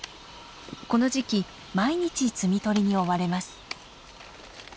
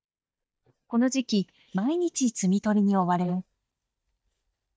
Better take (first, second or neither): first